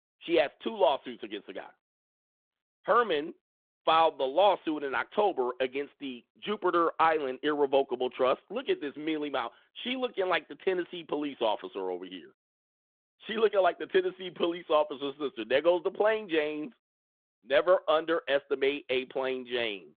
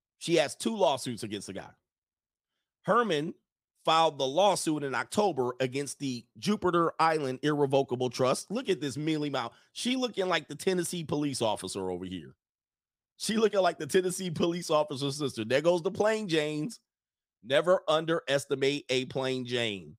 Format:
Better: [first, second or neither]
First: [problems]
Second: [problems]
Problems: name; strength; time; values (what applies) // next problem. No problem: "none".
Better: second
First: phone-call audio; nothing above 3.5 kHz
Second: none